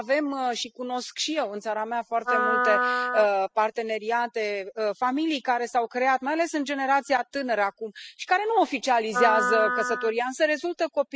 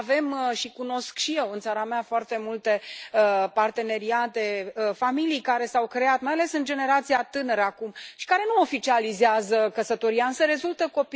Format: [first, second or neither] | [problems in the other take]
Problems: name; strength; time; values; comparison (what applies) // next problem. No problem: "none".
second | noise reduction (classical method spectral subtraction)